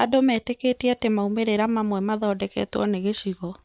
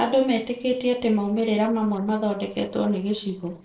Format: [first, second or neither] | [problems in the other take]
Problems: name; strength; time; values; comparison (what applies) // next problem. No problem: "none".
first | noise reduction (neural separator model SepFormer DNS4)